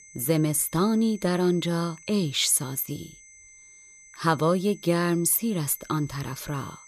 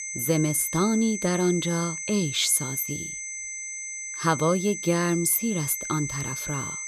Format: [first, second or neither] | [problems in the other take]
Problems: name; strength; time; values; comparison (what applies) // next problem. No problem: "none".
first | high-pitched whine; loud; throughout; 6 kHz, 6 dB below the speech; faint in the first